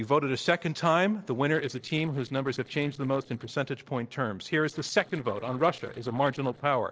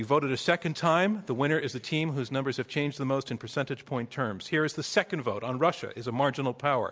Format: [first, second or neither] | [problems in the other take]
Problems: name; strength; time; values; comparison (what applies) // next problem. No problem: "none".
second | noise reduction (neural separator model SepFormer DNS4)